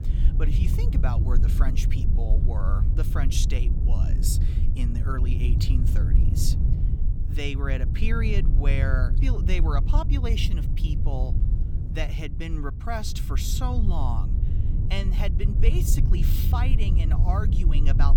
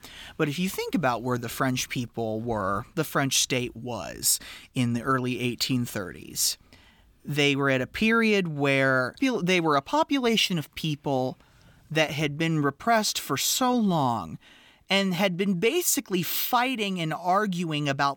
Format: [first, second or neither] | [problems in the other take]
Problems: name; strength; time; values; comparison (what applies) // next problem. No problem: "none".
second | low rumble; loud; throughout; 6 dB below the speech